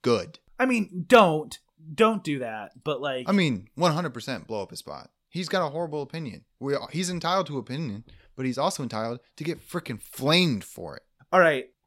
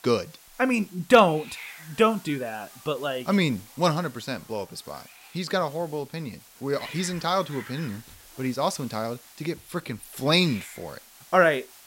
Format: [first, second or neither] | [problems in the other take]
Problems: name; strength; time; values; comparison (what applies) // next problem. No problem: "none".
first | hiss; noticeable; throughout; 20 dB below the speech